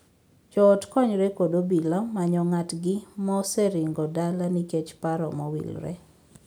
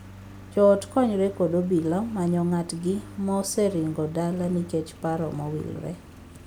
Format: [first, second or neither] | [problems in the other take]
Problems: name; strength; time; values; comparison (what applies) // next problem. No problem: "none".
first | background sound (Engine); 17 dB below the speech